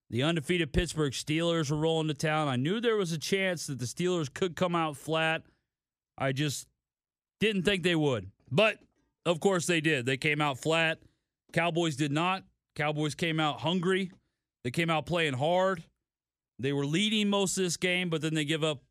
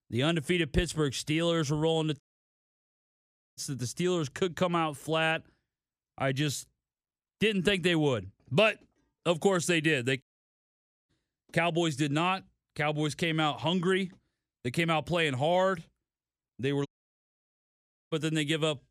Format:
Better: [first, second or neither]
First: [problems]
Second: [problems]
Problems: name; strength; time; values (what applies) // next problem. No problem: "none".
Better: first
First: none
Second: audio cutting out; at 2 s for 1.5 s, at 10 s for 1 s and at 17 s for 1.5 s